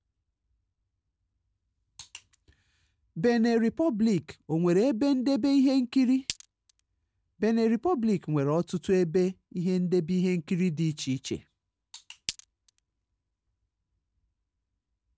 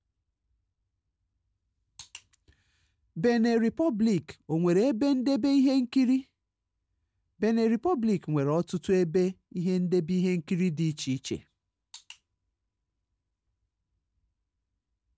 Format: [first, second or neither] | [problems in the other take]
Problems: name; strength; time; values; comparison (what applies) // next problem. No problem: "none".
second | background sound (Glass); 14 dB below the speech